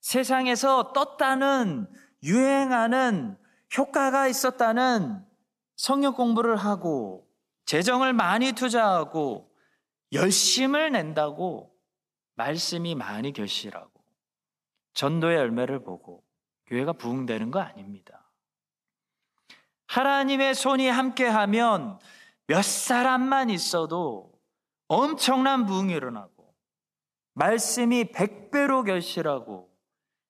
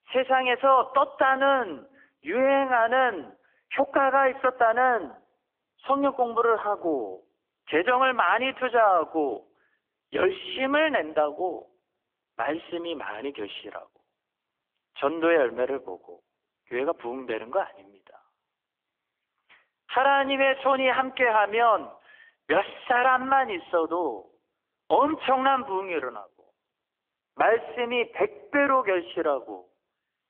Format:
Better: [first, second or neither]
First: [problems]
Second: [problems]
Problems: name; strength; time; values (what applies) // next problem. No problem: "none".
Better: first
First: none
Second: phone-call audio; poor line; nothing above 3.5 kHz